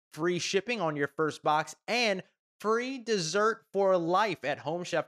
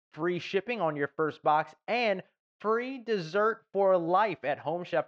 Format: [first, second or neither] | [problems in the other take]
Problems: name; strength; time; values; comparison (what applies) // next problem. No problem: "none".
first | muffled; slightly; fading above 3 kHz